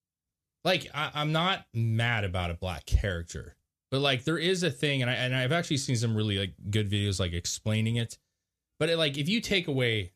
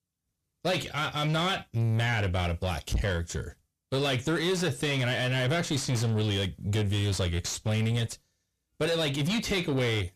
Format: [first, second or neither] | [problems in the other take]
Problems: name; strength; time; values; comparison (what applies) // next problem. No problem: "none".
first | distortion; heavy; 7 dB below the speech